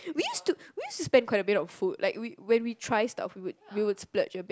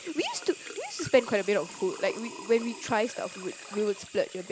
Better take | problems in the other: first | background sound (Sink (filling or washing) / Water tap, faucet); 14 dB below the speech

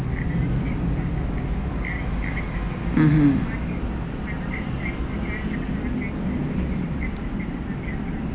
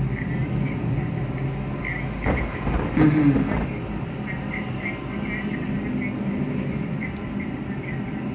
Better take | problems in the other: first | background sound (Thunder); 2 dB below the speech // room echo; dies away in 0.5 s

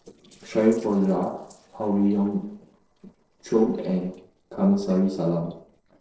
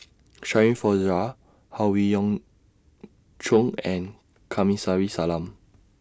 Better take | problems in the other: second | noise reduction (neural separator model SepFormer DNS4)

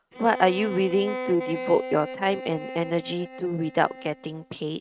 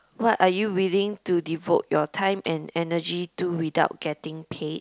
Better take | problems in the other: second | noise reduction (neural mask model RNNoise)

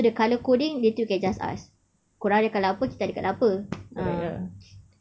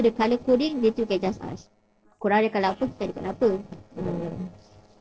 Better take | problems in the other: first | noise reduction (neural separator model SepFormer DNS4)

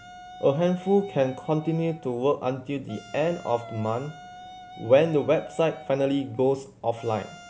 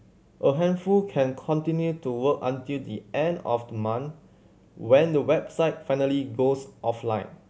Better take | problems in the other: second | background sound (Wind instrument, woodwind instrument); 19 dB below the speech

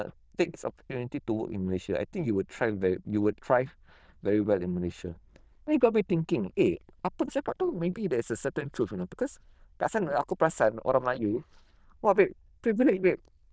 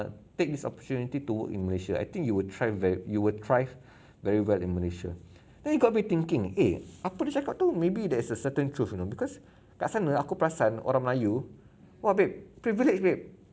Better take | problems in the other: second | noise reduction (neural diffusion model UNIVERSE++)

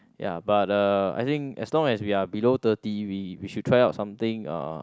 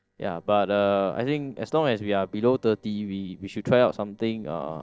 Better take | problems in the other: first | noise reduction (neural separator model SepFormer DNS4)

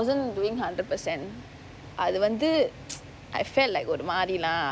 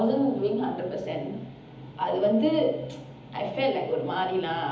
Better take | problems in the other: first | room echo; dies away in 1.3 s

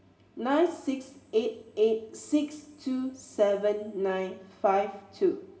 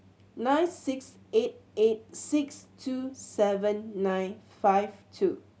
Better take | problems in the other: second | room echo; dies away in 1 s

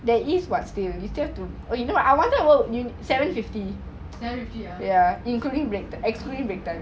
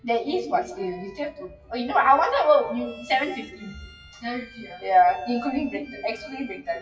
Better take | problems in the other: first | noise reduction (classical method WPE with log-MMSE)

